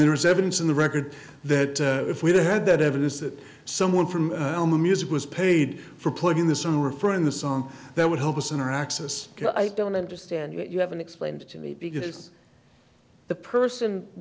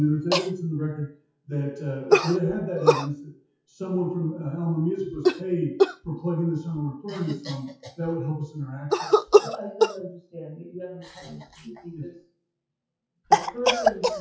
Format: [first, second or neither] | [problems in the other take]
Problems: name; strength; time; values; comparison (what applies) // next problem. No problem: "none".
first | noise reduction (classical method WPE with log-MMSE)